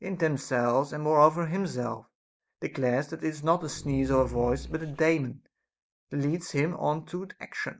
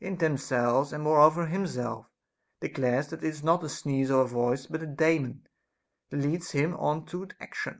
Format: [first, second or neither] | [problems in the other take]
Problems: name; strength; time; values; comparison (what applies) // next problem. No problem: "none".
second | noise reduction (neural mask model DeepFilterNet 3)